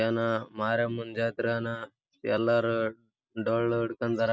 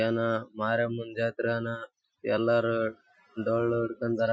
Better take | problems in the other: first | noise reduction (classical method Wiener filter)

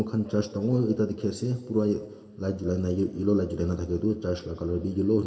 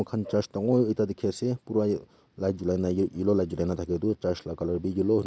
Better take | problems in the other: second | room echo; dies away in 1.7 s

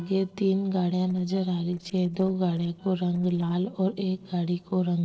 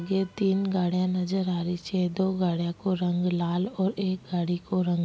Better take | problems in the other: second | noise reduction (neural separator model SepFormer DNS4)

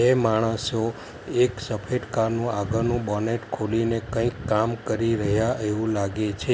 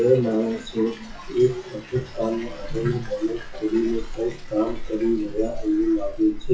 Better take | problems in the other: first | noise reduction (classical method WPE with log-MMSE)

